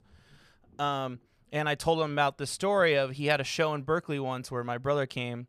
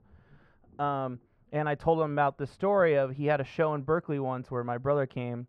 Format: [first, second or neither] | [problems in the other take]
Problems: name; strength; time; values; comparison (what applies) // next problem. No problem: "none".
first | muffled; very; fading above 3 kHz